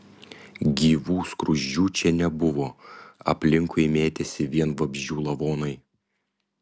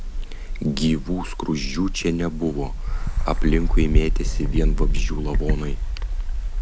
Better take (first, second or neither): first